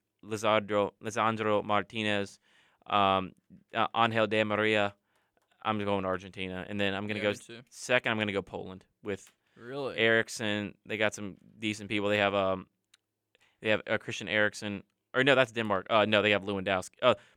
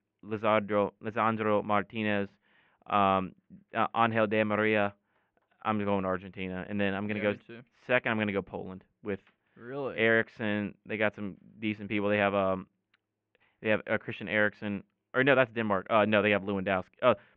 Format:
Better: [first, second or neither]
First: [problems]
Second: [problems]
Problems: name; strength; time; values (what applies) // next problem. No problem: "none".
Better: first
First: none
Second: muffled; very; fading above 2.5 kHz